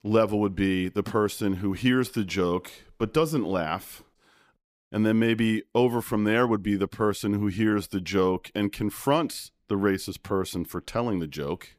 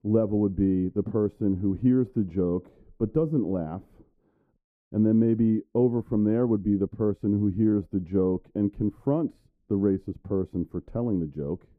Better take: first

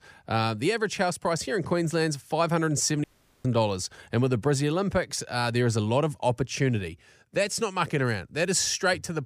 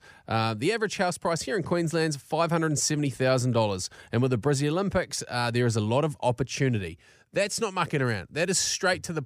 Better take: second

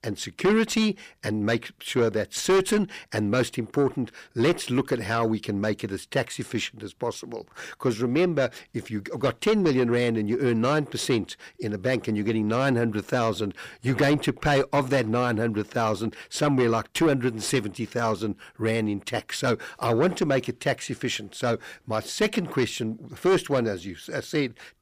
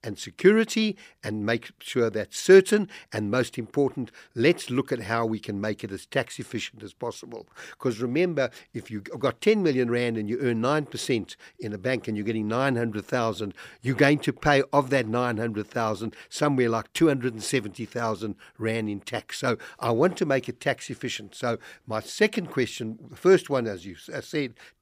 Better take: second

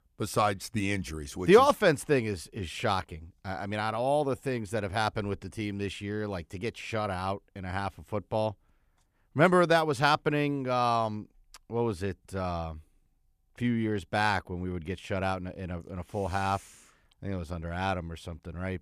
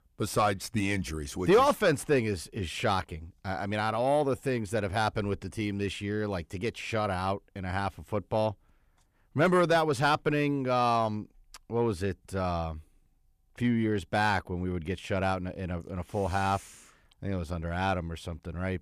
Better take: first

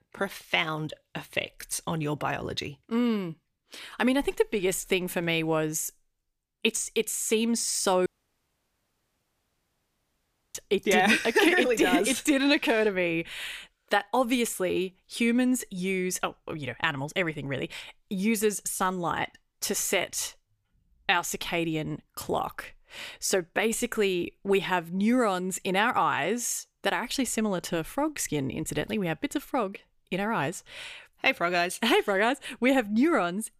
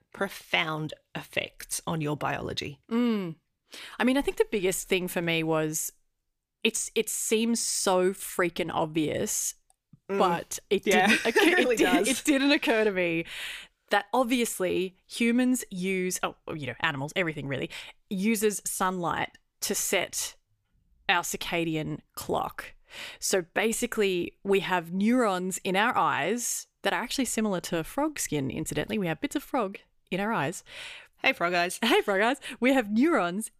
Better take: second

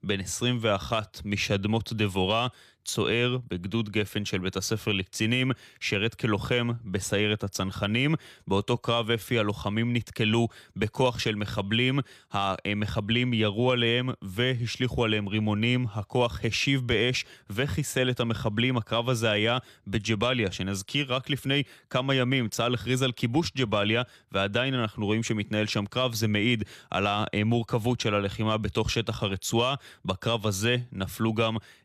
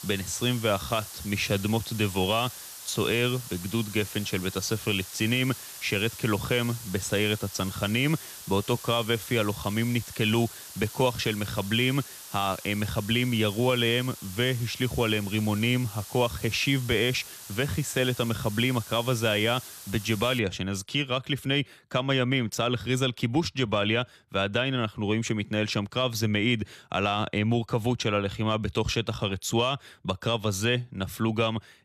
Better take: first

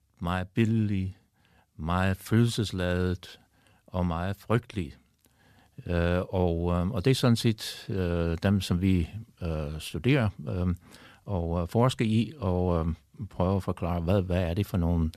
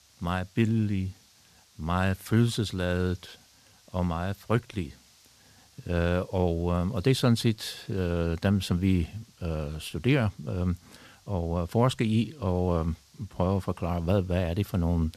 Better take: first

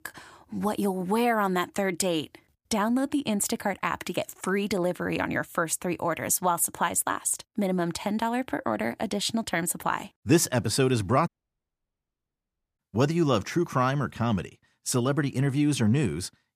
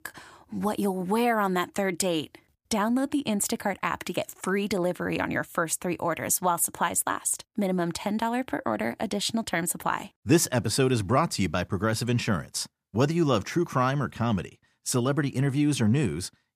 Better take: second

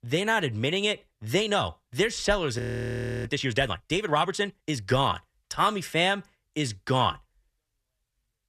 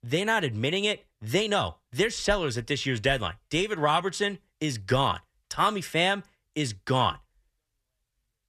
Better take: second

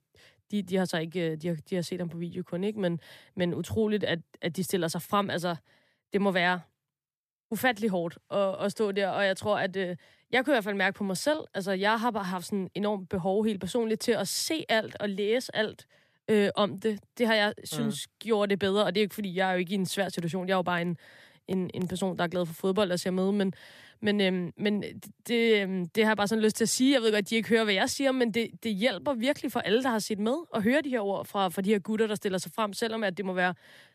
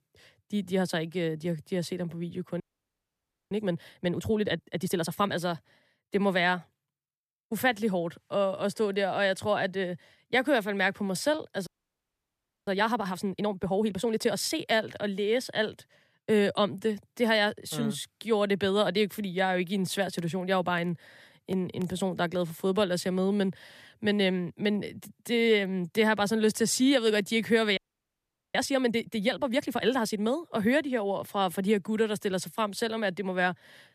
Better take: first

